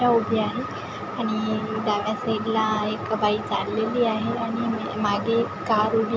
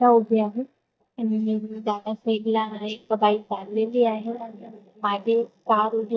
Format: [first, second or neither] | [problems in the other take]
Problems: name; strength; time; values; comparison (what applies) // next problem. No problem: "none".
first | noise reduction (neural mask model DeepFilterNet 3)